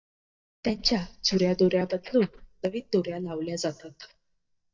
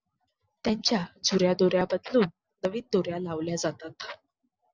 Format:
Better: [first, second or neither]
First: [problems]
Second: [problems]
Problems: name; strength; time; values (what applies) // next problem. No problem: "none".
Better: second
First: noise reduction (neural mask model DeepFilterNet 3)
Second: none